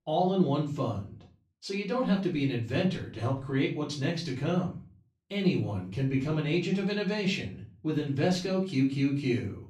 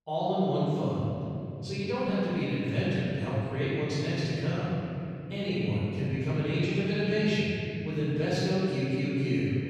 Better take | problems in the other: first | room echo; strong; dies away in 3 s; slight in the first // off-mic speech; far; far in the first

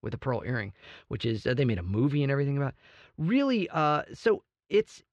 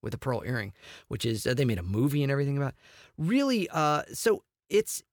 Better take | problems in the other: second | muffled; slightly; fading above 3.5 kHz

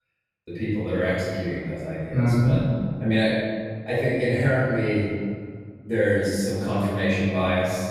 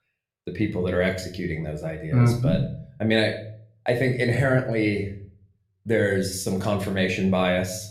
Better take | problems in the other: second | room echo; strong; dies away in 1.7 s; slight in the second // off-mic speech; far; somewhat distant in the second

